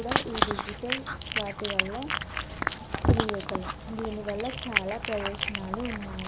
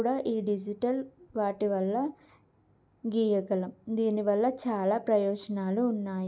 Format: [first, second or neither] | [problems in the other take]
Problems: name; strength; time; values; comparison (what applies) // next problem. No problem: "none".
second | background sound (Cat); 5 dB above the speech